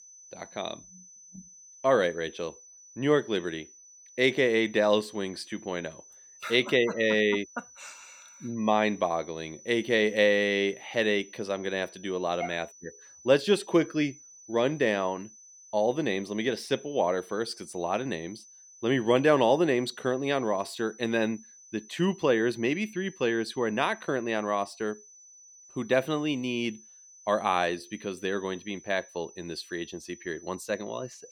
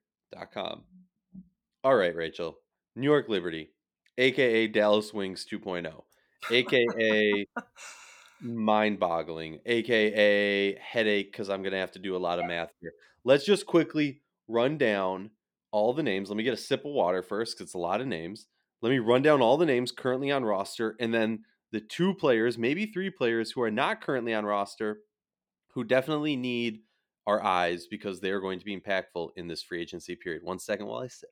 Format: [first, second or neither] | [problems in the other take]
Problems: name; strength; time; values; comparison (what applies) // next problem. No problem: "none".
second | high-pitched whine; faint; throughout; 6 kHz, 20 dB below the speech